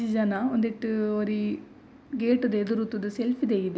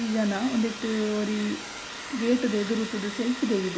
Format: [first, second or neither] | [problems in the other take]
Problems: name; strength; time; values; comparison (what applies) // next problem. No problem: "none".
first | background sound (Domestic sounds, home sounds); 11 dB below the speech